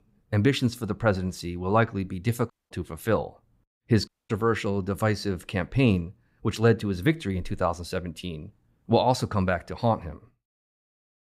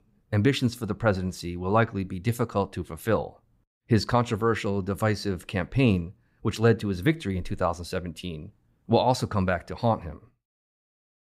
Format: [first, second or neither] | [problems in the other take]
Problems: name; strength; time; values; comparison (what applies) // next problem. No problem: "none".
second | audio cutting out; at 2.5 s and at 4 s